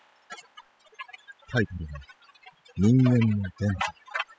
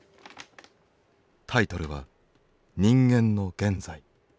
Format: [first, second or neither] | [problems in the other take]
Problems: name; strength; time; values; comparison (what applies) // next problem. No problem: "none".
second | noise reduction (classical method spectral subtraction)